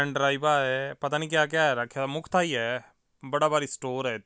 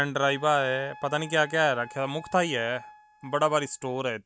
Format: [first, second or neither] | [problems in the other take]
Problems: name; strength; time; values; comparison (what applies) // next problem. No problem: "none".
first | noise reduction (neural mask model RNNoise)